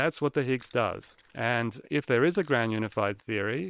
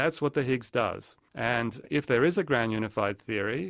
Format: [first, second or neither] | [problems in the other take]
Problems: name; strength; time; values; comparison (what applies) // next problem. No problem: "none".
second | noise reduction (neural separator model SepFormer WHAM!)